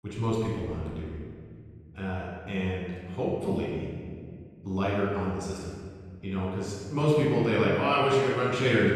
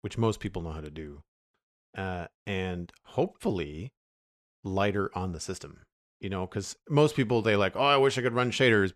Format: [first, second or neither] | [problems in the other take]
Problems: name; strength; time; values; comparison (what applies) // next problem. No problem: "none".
second | room echo; strong; dies away in 1.9 s // off-mic speech; far